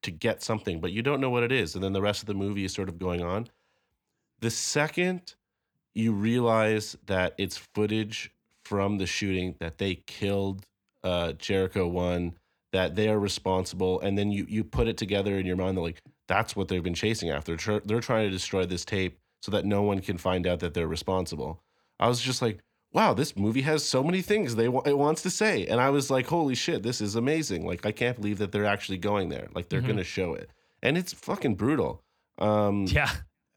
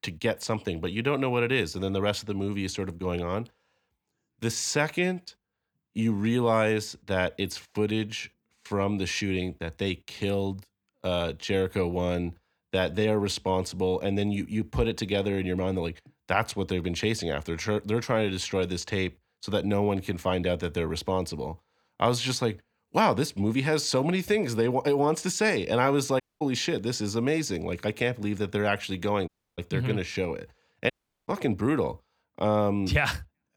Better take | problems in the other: first | audio cutting out; at 26 s, at 29 s and at 31 s

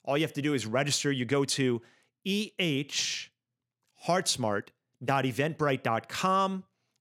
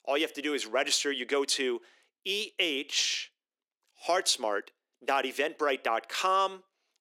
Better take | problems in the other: first | thin; somewhat; fading below 300 Hz

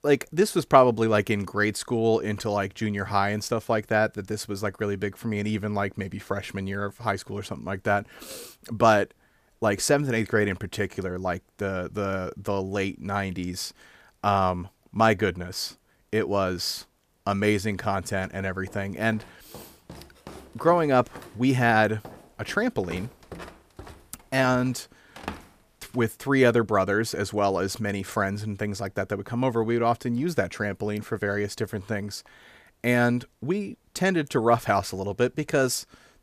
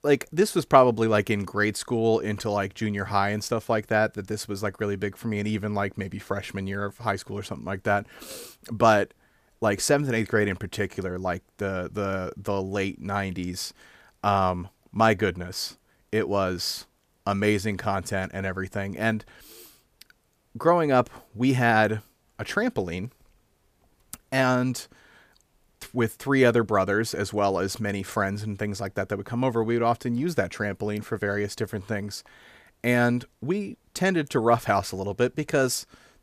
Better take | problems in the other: second | footsteps; faint; from 18 to 26 s; peak 10 dB below the speech

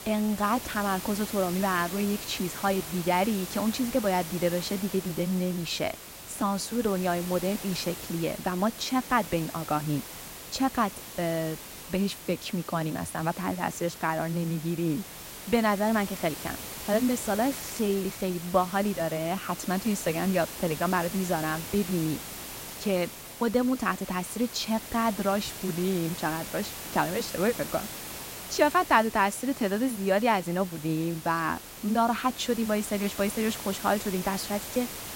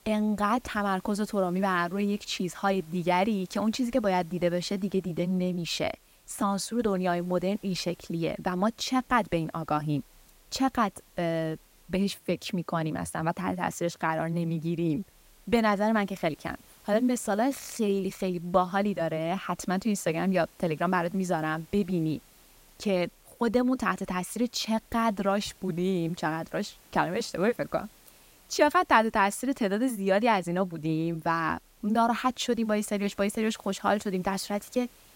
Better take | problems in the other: second | hiss; loud; throughout; 10 dB below the speech; faint in the second

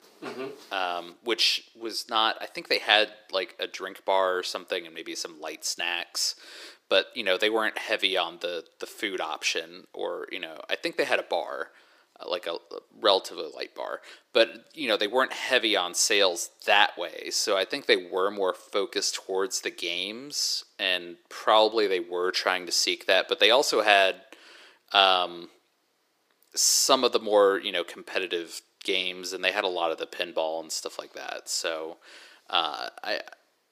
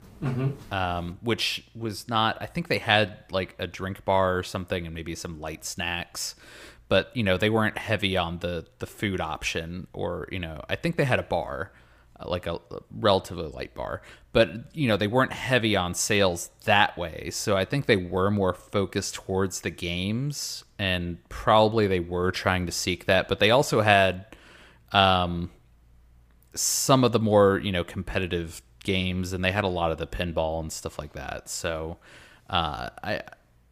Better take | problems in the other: second | thin; somewhat; fading below 350 Hz

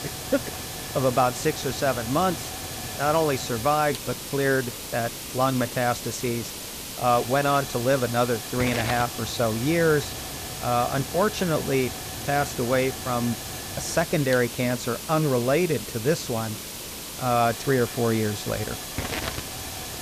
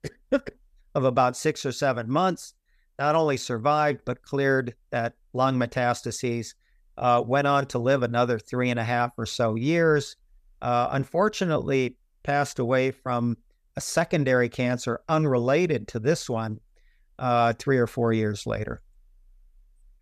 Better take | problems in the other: second | hiss; loud; throughout; 7 dB below the speech

